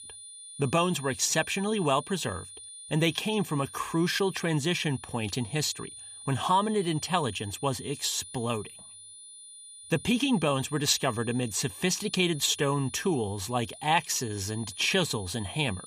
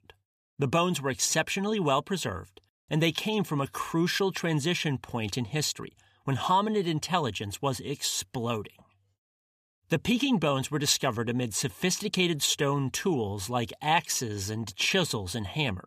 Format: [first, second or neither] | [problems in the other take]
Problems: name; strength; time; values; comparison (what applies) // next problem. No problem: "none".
second | high-pitched whine; noticeable; throughout; 9.5 kHz, 15 dB below the speech